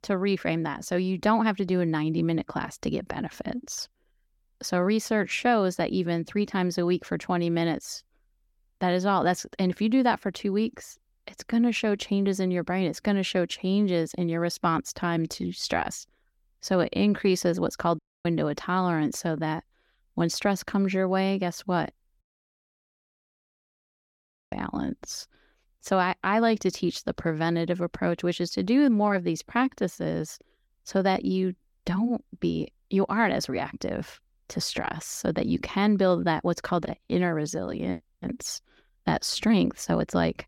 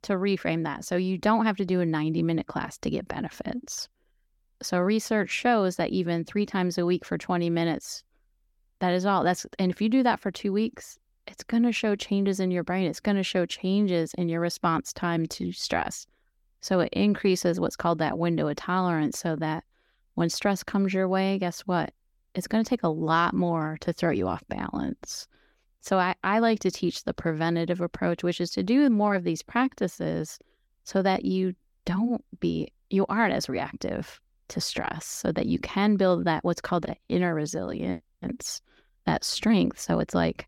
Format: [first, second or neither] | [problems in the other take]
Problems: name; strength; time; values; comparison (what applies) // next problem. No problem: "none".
second | audio cutting out; at 18 s and at 22 s for 2.5 s